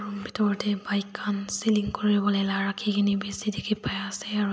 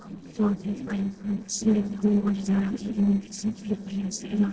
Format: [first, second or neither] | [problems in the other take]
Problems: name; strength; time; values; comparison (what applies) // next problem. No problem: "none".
first | noise reduction (neural separator model SepFormer DNS4)